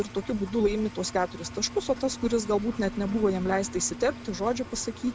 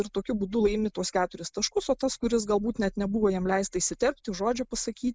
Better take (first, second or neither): second